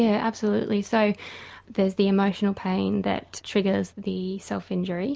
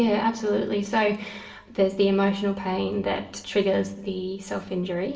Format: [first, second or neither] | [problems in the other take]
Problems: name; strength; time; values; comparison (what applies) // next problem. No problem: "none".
first | room echo; dies away in 0.6 s